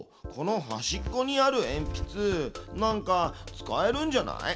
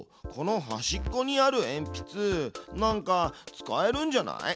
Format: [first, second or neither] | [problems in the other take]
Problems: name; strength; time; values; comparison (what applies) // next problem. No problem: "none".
second | background sound (Idling / Engine starting / Car); 14 dB below the speech // room echo; dies away in 1.1 s